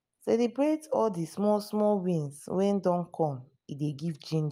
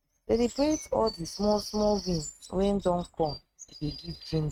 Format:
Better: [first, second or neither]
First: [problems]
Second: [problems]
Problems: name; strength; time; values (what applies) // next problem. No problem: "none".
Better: first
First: none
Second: noise reduction (neural mask model RNNoise)